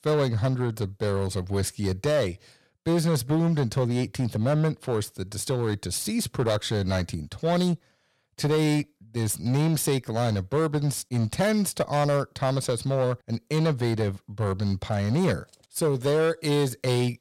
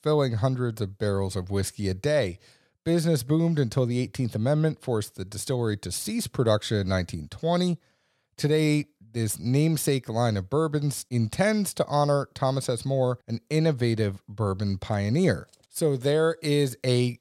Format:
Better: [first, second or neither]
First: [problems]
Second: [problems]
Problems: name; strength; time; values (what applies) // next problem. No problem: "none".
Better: second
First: distortion; slight; 10% of the sound clipped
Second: none